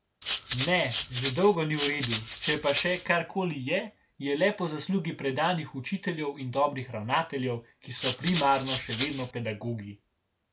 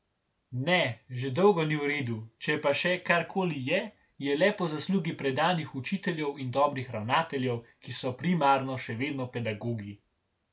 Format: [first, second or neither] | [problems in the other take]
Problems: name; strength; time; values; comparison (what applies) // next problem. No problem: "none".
second | background sound (Rattle (instrument)); 6 dB below the speech